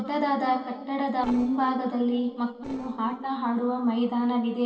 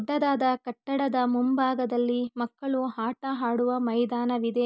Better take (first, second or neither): second